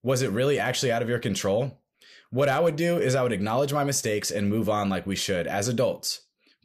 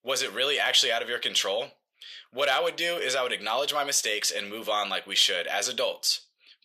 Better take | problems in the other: first | thin; very; fading below 650 Hz

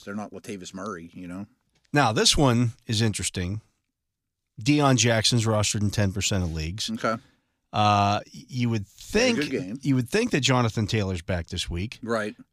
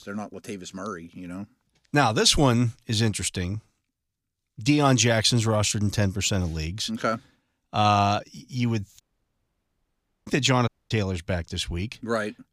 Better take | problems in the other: first | audio cutting out; at 9 s for 1.5 s and at 11 s

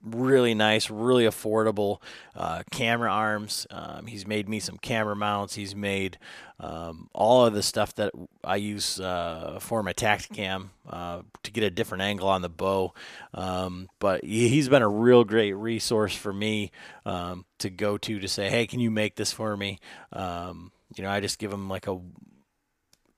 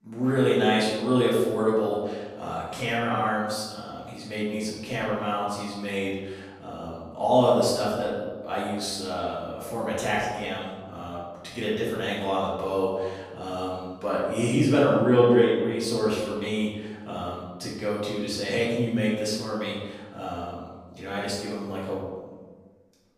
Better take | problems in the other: first | off-mic speech; far // room echo; noticeable; dies away in 1.2 s

